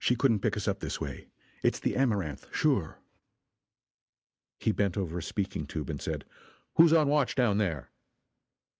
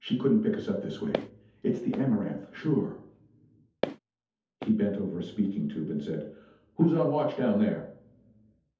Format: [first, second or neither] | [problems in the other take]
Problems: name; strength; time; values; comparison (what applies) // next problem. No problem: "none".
first | background sound (Walk, footsteps); 12 dB below the speech // room echo; dies away in 0.6 s